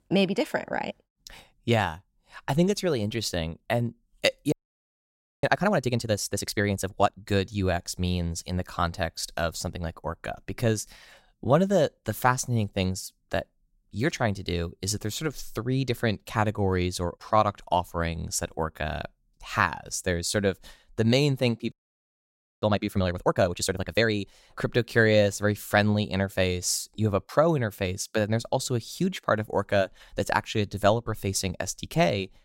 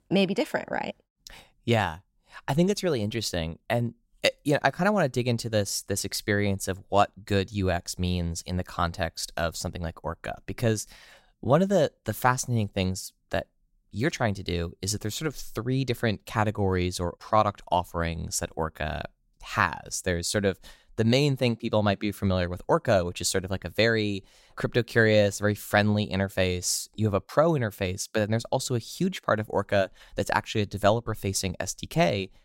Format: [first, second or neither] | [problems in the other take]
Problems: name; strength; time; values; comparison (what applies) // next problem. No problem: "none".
second | audio freezing; at 4.5 s for 1 s and at 22 s for 1 s